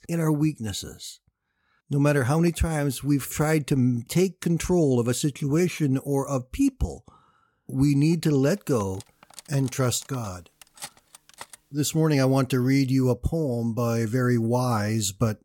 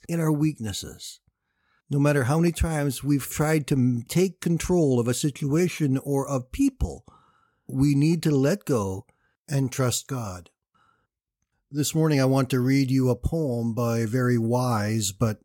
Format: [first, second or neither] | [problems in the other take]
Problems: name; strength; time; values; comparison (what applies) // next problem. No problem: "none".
second | clattering dishes; faint; from 9 to 12 s; peak 15 dB below the speech